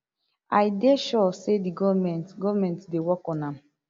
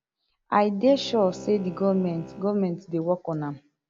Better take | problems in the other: first | background sound (Bowed string instrument); 19 dB below the speech

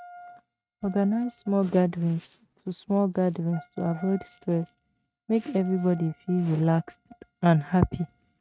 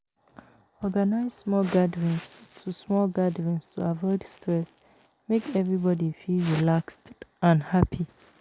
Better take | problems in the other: second | noise reduction (neural mask model RNNoise)

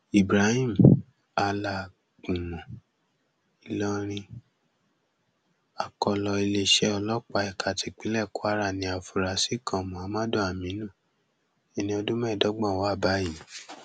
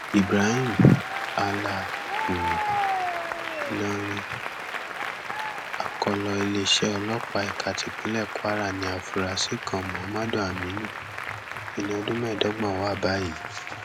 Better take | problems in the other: first | background sound (Applause); 4 dB below the speech

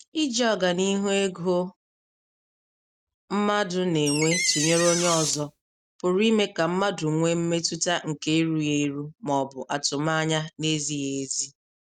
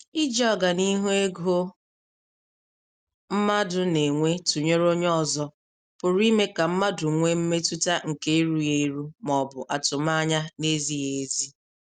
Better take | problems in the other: second | background sound (Door); 2 dB below the speech

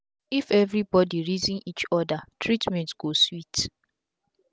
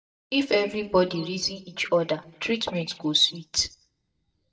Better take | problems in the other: first | noise reduction (neural mask model DeepFilterNet 3)

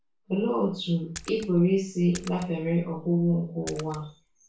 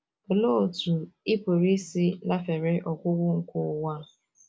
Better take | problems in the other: second | background sound (Splash, splatter); 17 dB below the speech // room echo; dies away in 0.3 s

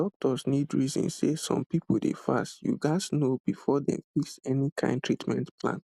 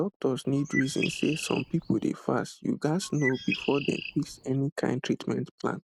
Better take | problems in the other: first | background sound (Bird); 8 dB below the speech

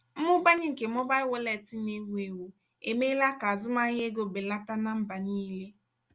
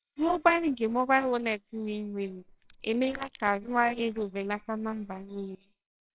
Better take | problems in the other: first | noise reduction (neural separator model SepFormer WHAMR!)

